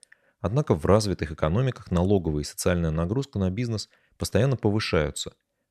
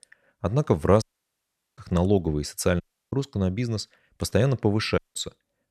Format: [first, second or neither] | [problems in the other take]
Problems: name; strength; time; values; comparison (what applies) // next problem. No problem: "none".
first | audio cutting out; at 1 s for 1 s, at 3 s and at 5 s